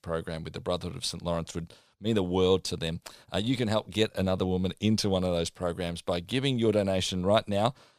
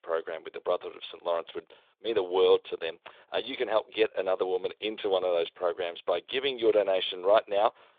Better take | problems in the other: first | phone-call audio

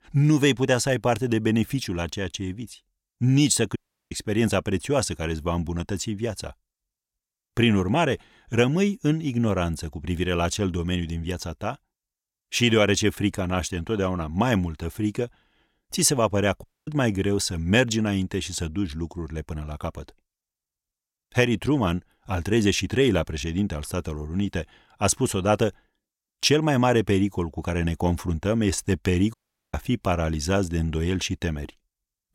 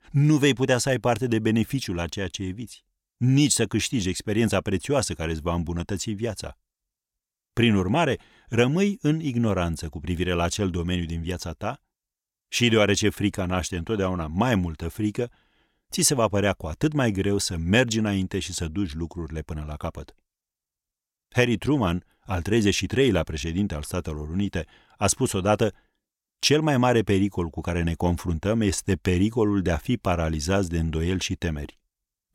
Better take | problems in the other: second | audio cutting out; at 4 s, at 17 s and at 29 s

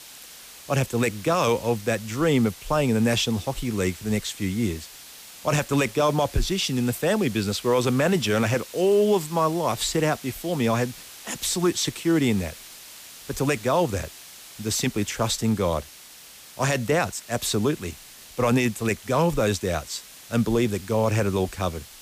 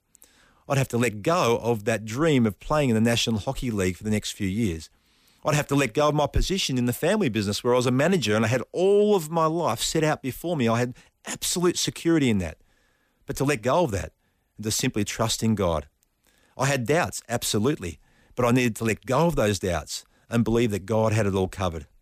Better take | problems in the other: second | hiss; noticeable; throughout; 15 dB below the speech

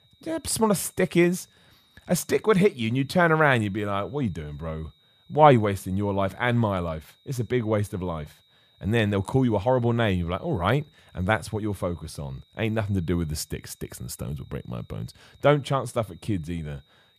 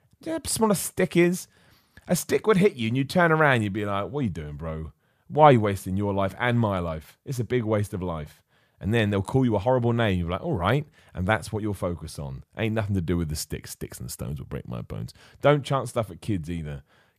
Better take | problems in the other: second | high-pitched whine; faint; throughout; 4 kHz, 35 dB below the speech

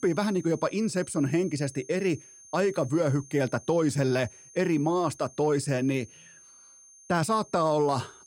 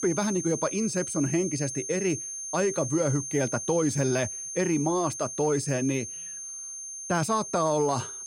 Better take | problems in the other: first | high-pitched whine; loud; throughout; 6.5 kHz, 6 dB below the speech; faint in the first

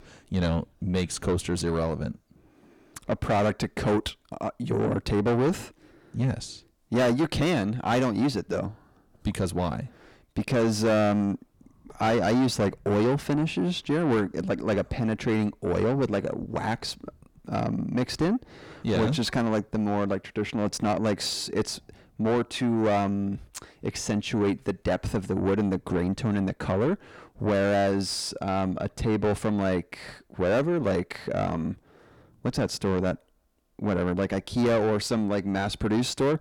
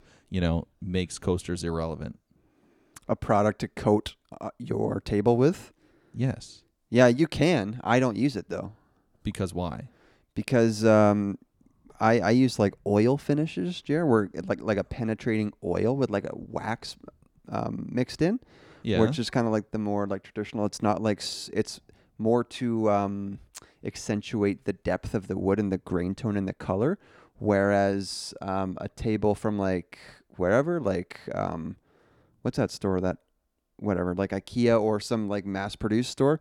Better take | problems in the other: second | distortion; heavy; 7 dB below the speech

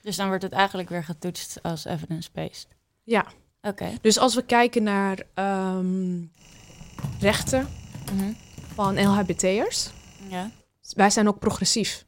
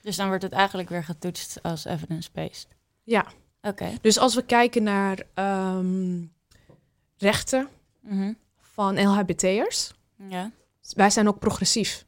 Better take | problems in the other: second | keyboard typing; noticeable; from 7 to 10 s; peak 8 dB below the speech

